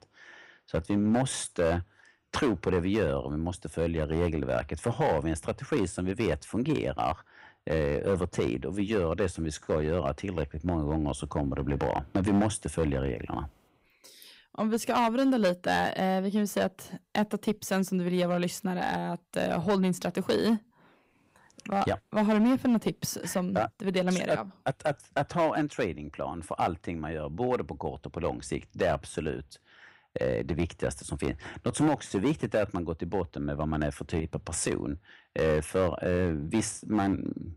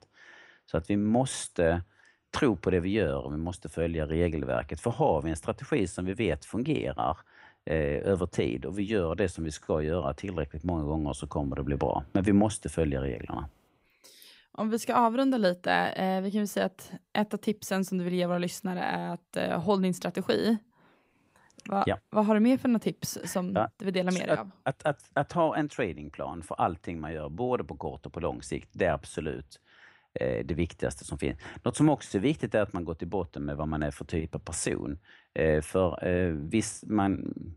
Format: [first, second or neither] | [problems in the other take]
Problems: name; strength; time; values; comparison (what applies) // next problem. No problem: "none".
second | distortion; slight; 4% of the sound clipped